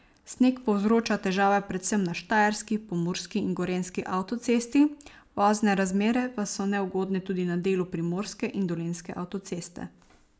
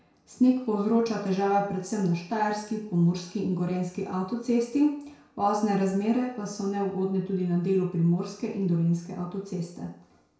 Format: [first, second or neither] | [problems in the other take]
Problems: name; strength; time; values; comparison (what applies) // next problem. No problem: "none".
first | room echo; dies away in 0.6 s